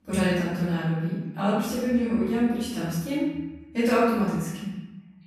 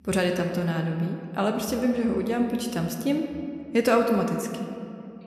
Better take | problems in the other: second | room echo; strong; dies away in 1.2 s; slight in the second // off-mic speech; far

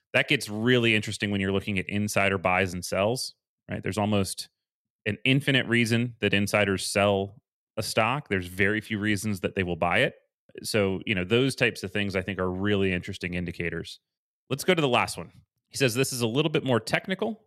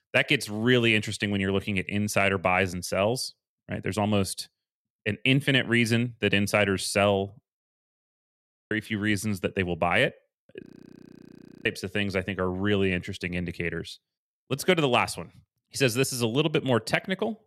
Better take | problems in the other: first | audio freezing; at 7.5 s for 1 s and at 11 s for 1 s

